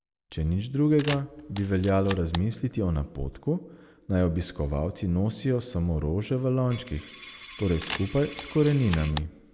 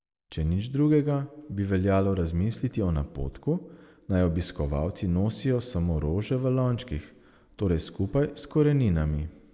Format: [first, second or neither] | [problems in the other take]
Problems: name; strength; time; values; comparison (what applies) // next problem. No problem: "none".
second | background sound (Coin (dropping) + Camera); 13 dB below the speech